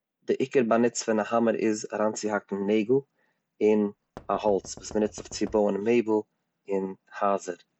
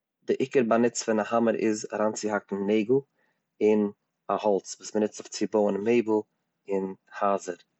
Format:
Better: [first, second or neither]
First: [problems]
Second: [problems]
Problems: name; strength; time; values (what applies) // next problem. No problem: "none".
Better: second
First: background sound (Knock); 20 dB below the speech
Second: none